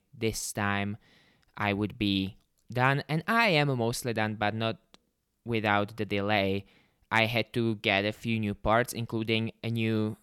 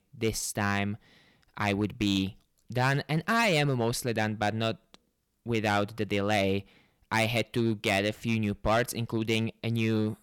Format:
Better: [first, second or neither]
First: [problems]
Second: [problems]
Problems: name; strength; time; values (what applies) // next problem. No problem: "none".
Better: first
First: none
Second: distortion; slight; 4% of the sound clipped